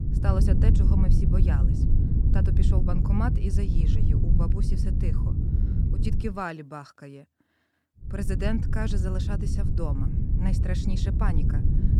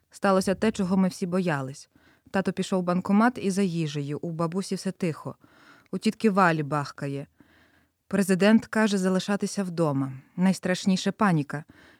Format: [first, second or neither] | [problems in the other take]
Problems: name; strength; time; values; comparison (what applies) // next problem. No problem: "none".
second | wind noise on the microphone; heavy; until 6.5 s and from 8 s on; 2 dB below the speech